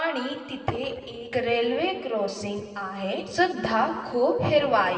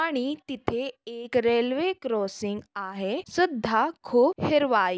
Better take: second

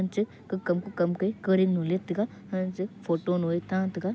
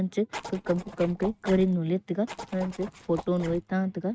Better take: first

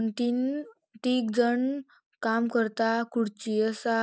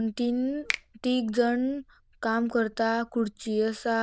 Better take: first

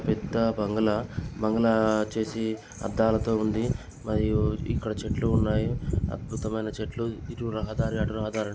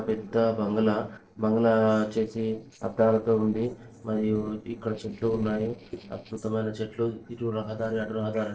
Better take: first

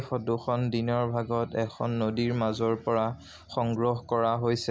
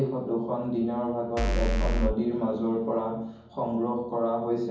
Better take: first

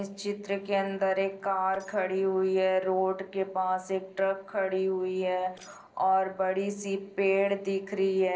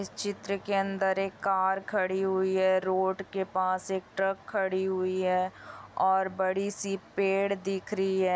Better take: second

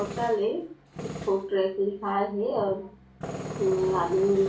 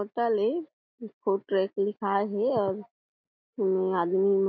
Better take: second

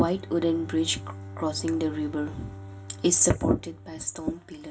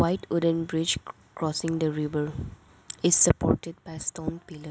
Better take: second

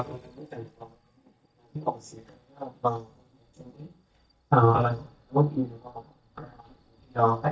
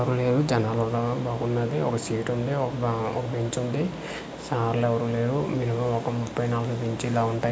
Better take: second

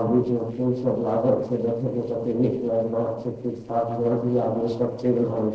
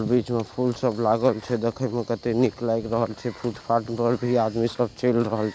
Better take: second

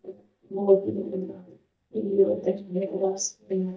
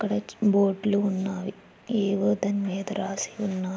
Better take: second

